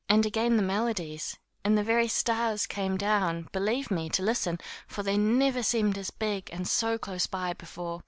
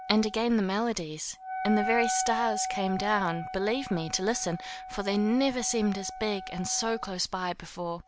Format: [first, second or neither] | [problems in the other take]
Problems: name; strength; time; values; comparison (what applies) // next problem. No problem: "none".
first | background sound (Wind instrument, woodwind instrument); 8 dB below the speech